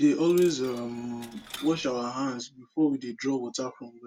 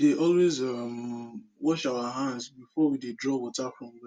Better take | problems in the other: second | background sound (Coin (dropping)); 19 dB below the speech

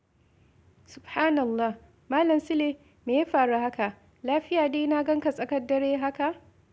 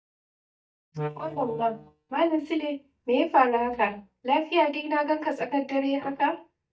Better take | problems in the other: first | noise reduction (neural mask model DeepFilterNet 3)

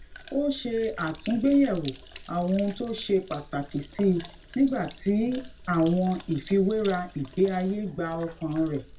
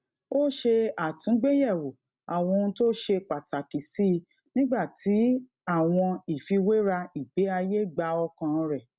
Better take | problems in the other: second | background sound (Sink (filling or washing)); 18 dB below the speech // room echo; dies away in 0.1 s

